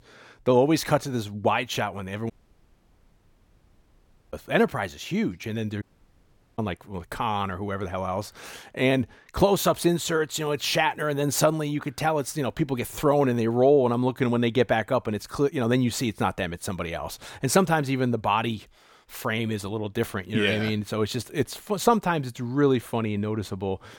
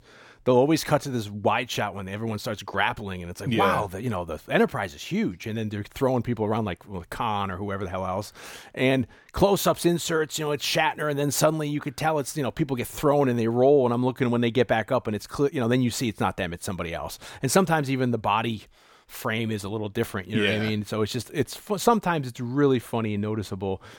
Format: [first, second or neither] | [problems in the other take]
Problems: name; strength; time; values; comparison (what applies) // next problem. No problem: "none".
second | audio cutting out; at 2.5 s for 2 s and at 6 s for 1 s